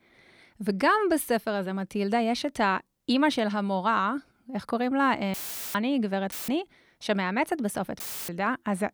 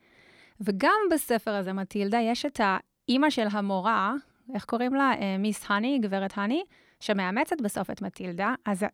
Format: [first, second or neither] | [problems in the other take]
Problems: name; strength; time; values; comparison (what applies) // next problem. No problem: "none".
second | audio cutting out; filled with static; at 5.5 s, at 6.5 s and at 8 s